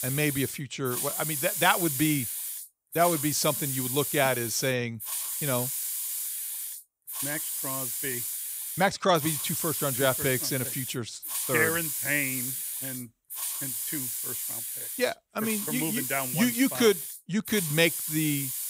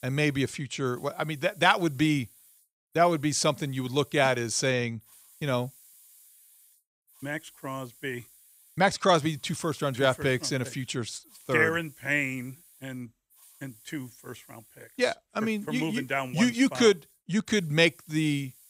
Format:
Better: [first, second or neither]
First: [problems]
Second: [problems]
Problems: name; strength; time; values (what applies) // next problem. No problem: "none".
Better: second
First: hiss; loud; throughout; 2 dB below the speech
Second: hiss; faint; throughout; 25 dB below the speech